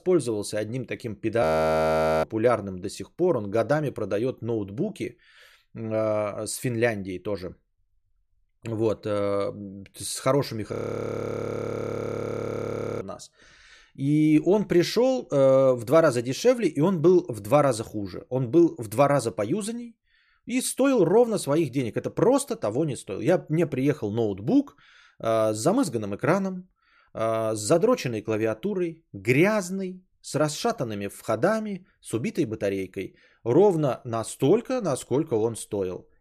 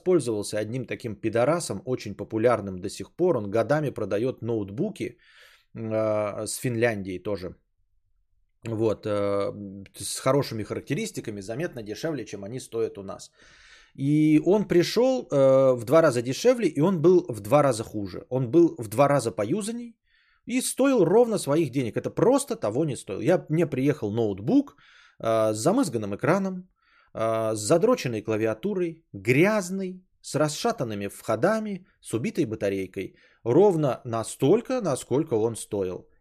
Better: second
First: audio freezing; at 1.5 s for 1 s and at 11 s for 2.5 s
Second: none

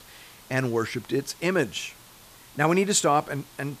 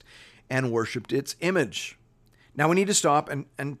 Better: second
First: hiss; faint; throughout; 25 dB below the speech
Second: none

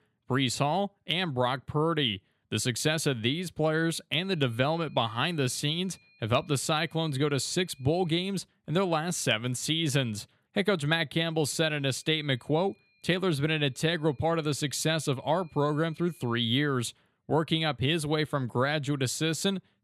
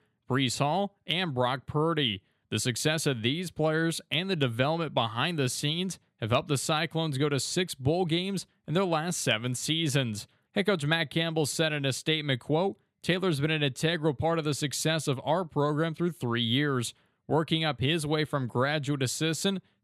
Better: second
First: high-pitched whine; faint; from 4 to 8.5 s and from 11 to 16 s; 2.5 kHz, 35 dB below the speech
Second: none

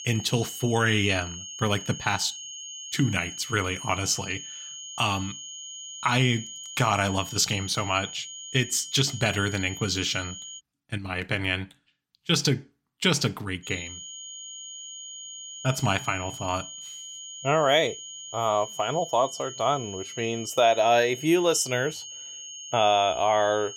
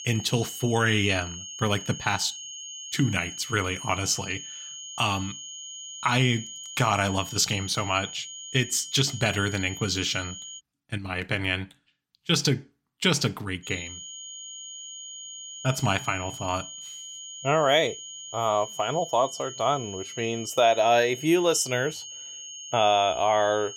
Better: neither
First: high-pitched whine; noticeable; until 11 s and from 14 s on; 6.5 kHz, 10 dB below the speech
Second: high-pitched whine; noticeable; until 11 s and from 14 s on; 6.5 kHz, 10 dB below the speech

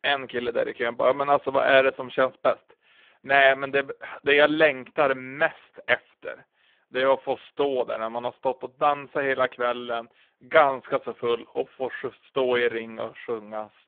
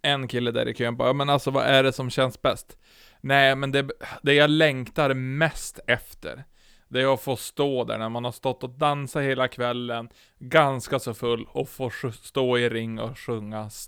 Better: second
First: phone-call audio; poor line; nothing above 3.5 kHz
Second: none

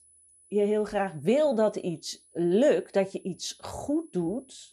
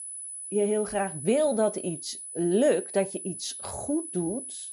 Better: first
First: high-pitched whine; faint; throughout; 10 kHz, 30 dB below the speech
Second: high-pitched whine; loud; throughout; 10 kHz, 8 dB below the speech

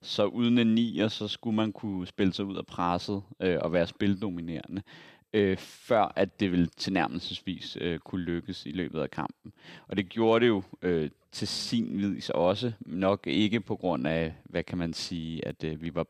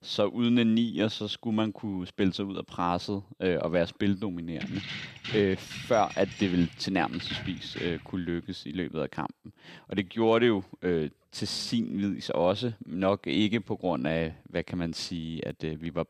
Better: first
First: none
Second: jangling keys; noticeable; from 4.5 to 8 s; peak 7 dB below the speech

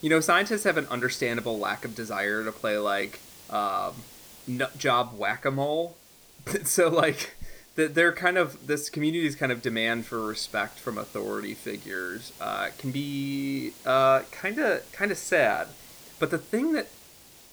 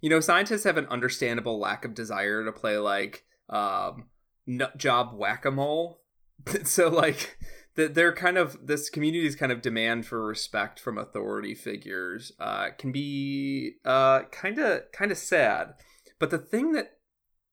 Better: second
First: hiss; faint; throughout; 20 dB below the speech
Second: none

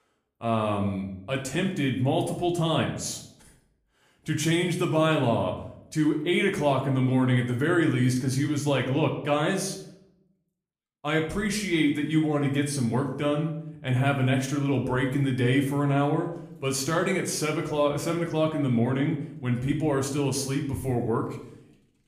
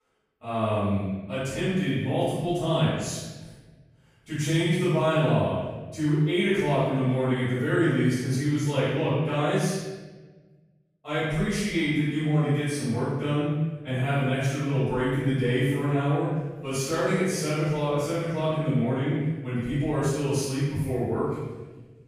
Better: first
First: room echo; slight; dies away in 0.6 s // off-mic speech; somewhat distant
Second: room echo; strong; dies away in 1.2 s // off-mic speech; far

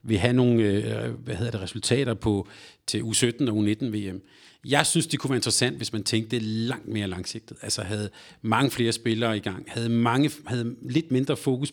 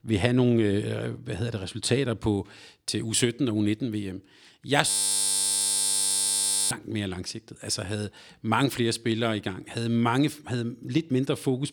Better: first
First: none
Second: audio freezing; at 5 s for 2 s

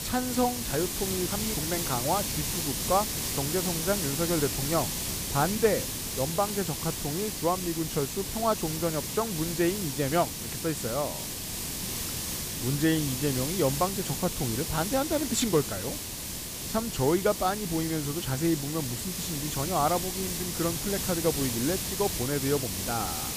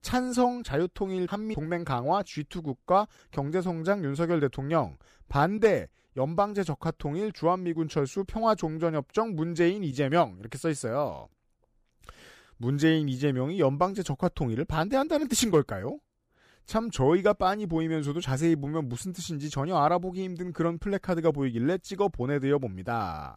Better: second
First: hiss; loud; throughout; 1 dB below the speech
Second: none

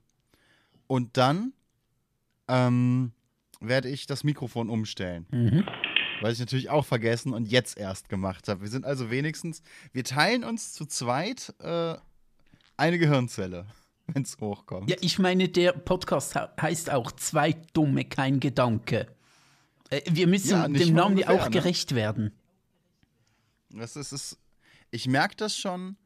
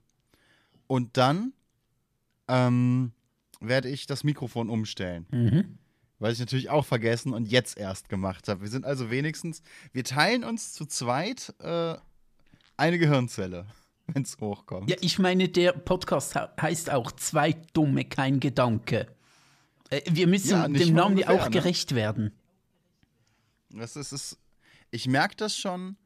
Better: second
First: phone ringing; loud; at 5.5 s; peak 1 dB above the speech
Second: none

